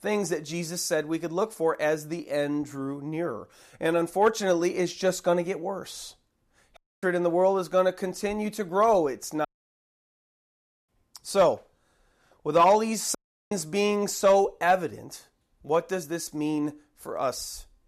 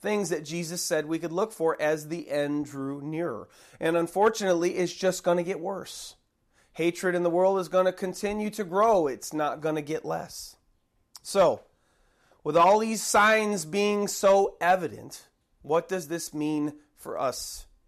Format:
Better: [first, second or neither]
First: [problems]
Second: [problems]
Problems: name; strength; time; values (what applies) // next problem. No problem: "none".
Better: second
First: audio cutting out; at 7 s, at 9.5 s for 1.5 s and at 13 s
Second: none